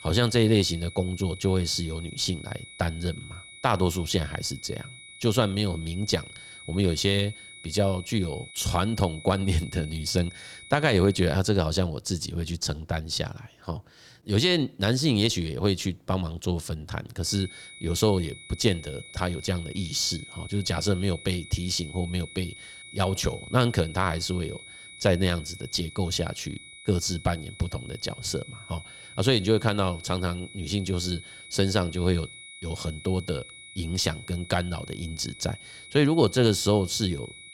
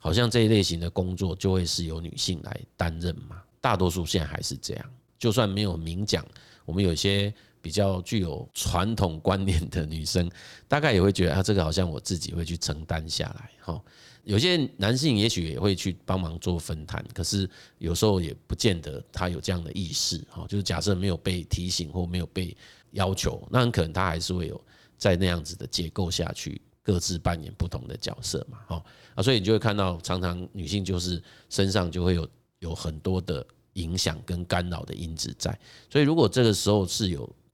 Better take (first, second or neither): second